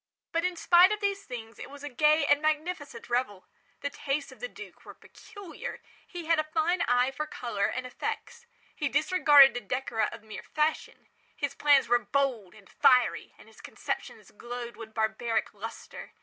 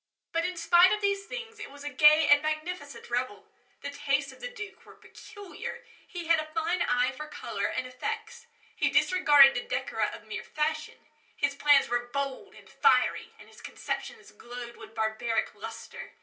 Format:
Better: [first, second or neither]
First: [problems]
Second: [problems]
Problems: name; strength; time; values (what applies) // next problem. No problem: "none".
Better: first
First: none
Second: room echo; dies away in 0.3 s